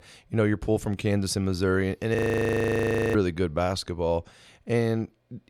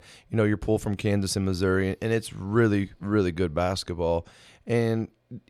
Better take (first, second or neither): second